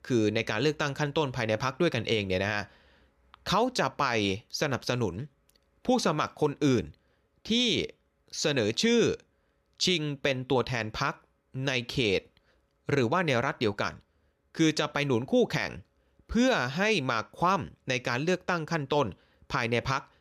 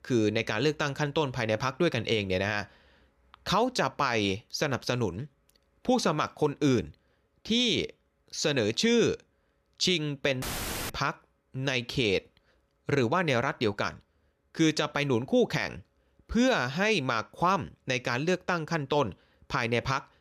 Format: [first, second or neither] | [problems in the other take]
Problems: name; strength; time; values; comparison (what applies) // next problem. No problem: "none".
first | audio cutting out; filled with static; at 10 s